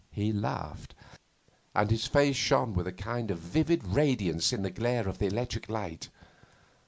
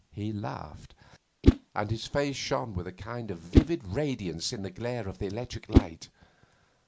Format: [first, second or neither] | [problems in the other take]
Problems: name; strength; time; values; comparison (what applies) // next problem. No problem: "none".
first | background sound (Whoosh, swoosh, swish); 4 dB above the speech